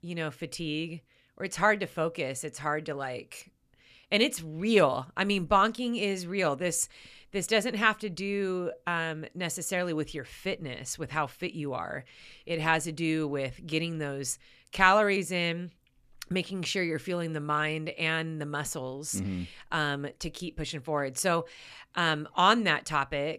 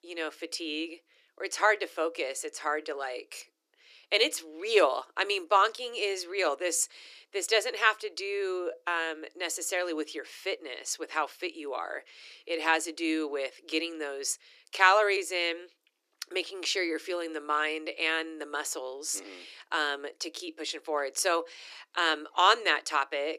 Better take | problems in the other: first | thin; very; fading below 300 Hz

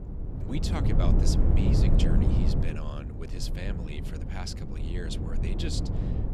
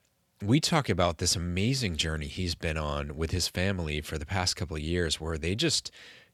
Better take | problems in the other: second | wind noise on the microphone; heavy; 1 dB above the speech

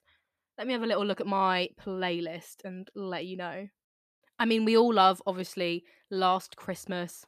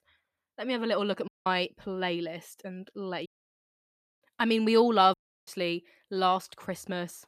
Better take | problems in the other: first | audio cutting out; at 1.5 s, at 3.5 s for 0.5 s and at 5 s

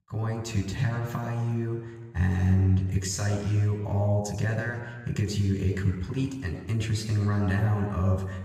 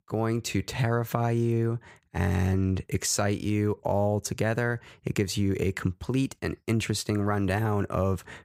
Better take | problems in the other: second | room echo; noticeable; dies away in 1.3 s // off-mic speech; somewhat distant

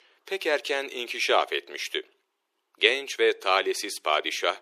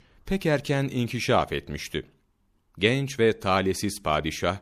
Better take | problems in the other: second | thin; very; fading below 350 Hz

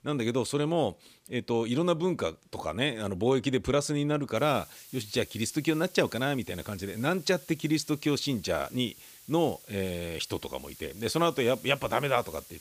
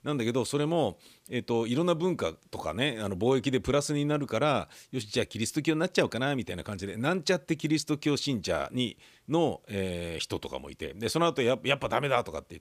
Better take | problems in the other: second | hiss; noticeable; from 4.5 s on; 20 dB below the speech

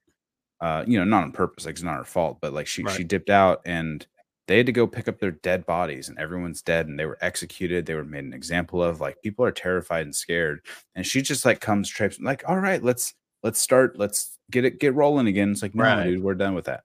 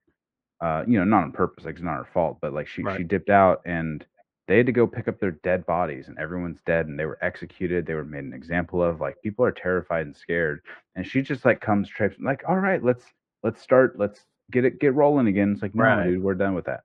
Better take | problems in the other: first | muffled; very; fading above 2 kHz

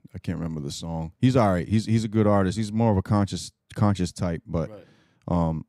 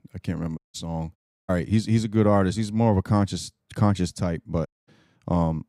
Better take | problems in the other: first | audio cutting out; at 0.5 s, at 1 s and at 4.5 s

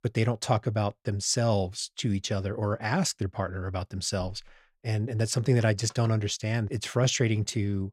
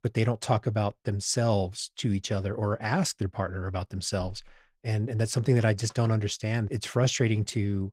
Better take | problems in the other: first | garbled, watery; slightly; nothing above 16.5 kHz

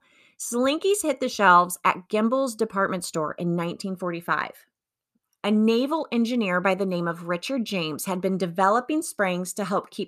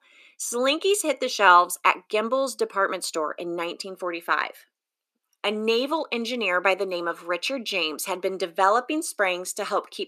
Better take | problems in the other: first | thin; somewhat; fading below 300 Hz

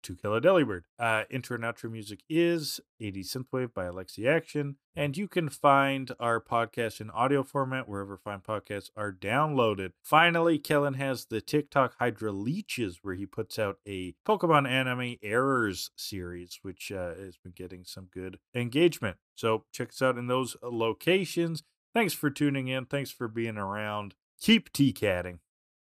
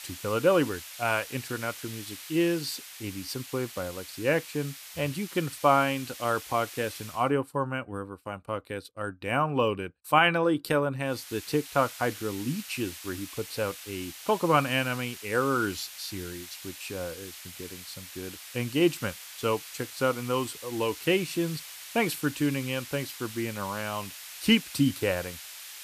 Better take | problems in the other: first | hiss; noticeable; until 7 s and from 11 s on; 10 dB below the speech

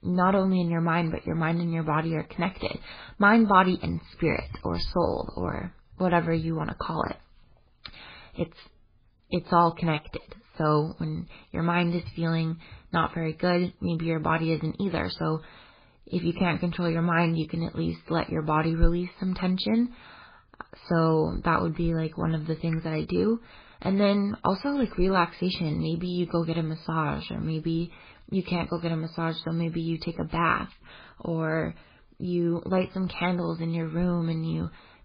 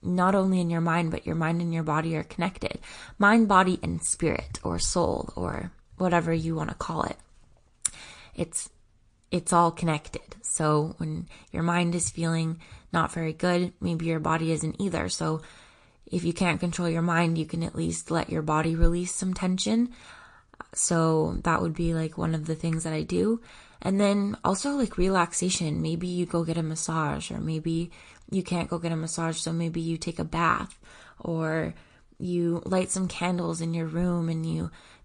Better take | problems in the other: second | garbled, watery; badly; nothing above 4 kHz; slightly in the second

